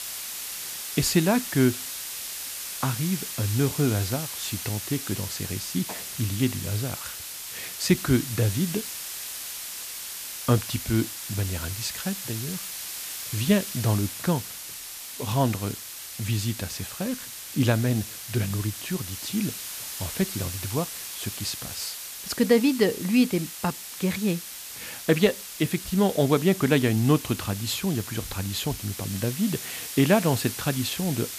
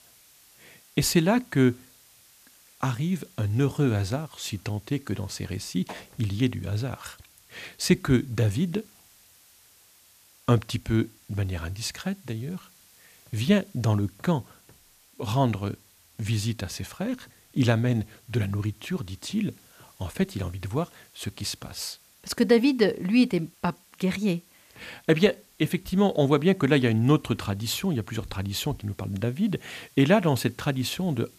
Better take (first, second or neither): second